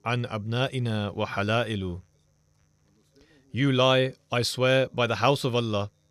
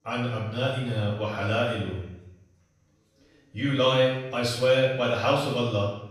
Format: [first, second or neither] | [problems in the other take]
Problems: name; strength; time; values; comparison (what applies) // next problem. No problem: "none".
first | off-mic speech; far // room echo; noticeable; dies away in 0.7 s